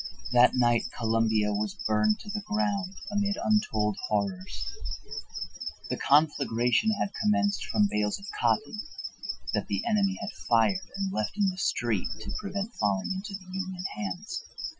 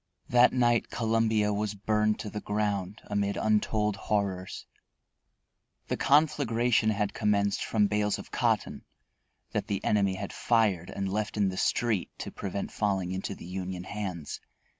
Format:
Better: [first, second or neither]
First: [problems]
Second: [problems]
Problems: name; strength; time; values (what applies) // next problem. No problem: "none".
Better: second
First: noise reduction (classical method Wiener filter)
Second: none